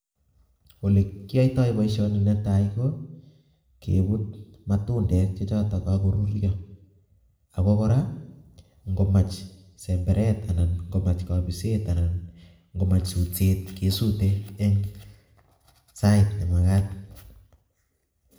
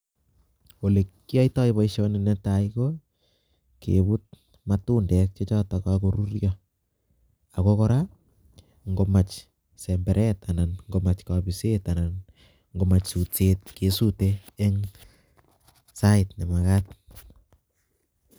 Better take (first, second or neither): second